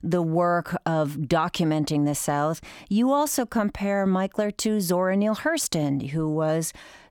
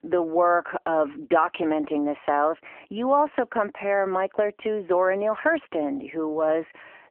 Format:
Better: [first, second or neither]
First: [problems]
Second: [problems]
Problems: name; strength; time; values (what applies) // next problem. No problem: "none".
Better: first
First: none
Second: phone-call audio